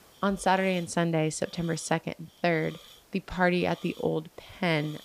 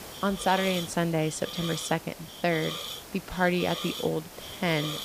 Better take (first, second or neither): first